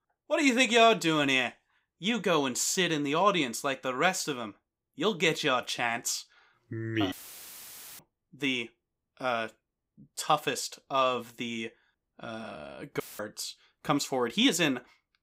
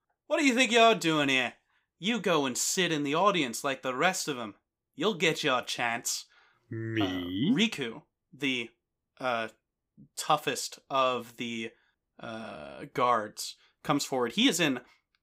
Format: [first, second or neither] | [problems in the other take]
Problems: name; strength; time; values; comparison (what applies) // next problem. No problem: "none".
second | audio cutting out; filled with static; at 7 s for 1 s and at 13 s